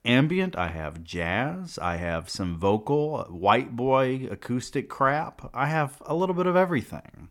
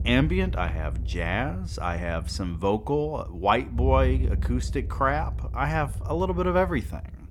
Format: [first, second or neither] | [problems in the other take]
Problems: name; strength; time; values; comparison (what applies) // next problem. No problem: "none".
first | low rumble; faint; throughout; 20 dB below the speech